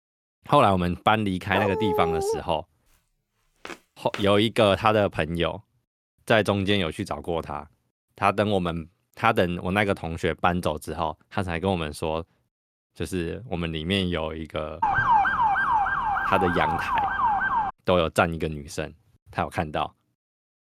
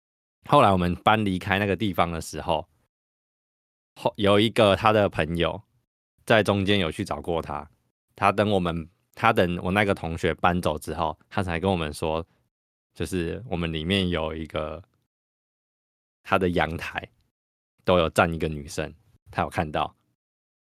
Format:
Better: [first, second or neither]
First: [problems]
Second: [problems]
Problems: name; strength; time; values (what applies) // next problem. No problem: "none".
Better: second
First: dog barking; noticeable; at 1.5 s; peak 1 dB below the speech // footsteps; faint; at 3.5 s; peak 10 dB below the speech // siren; loud; from 15 to 18 s; peak 5 dB above the speech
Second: none